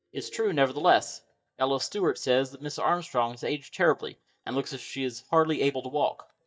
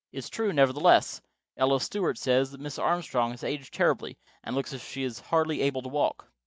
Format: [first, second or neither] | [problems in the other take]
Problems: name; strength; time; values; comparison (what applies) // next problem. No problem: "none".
second | noise reduction (neural mask model DeepFilterNet 3)